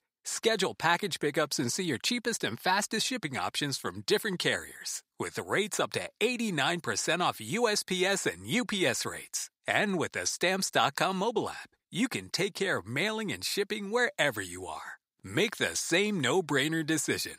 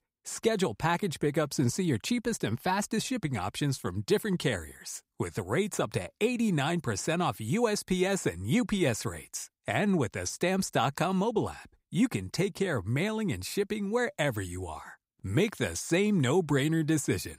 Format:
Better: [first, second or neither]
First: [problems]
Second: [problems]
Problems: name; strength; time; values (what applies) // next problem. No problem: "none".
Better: second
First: thin; somewhat; fading below 850 Hz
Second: none